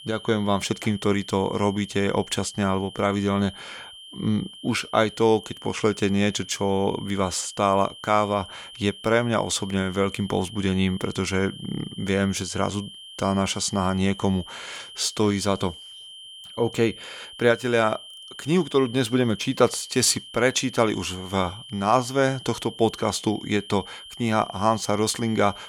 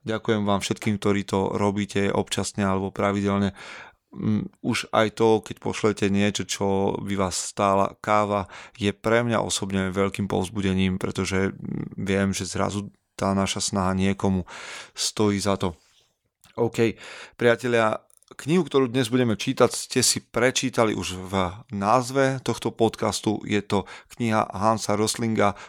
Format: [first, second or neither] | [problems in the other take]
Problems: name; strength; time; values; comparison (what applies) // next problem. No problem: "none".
second | high-pitched whine; noticeable; throughout; 3 kHz, 15 dB below the speech